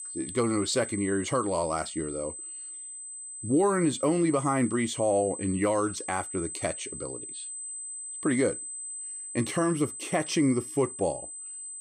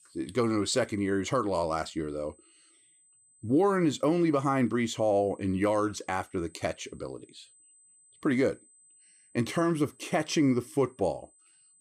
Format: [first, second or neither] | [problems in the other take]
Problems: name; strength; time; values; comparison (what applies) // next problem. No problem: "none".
second | high-pitched whine; loud; throughout; 8 kHz, 8 dB below the speech; faint in the second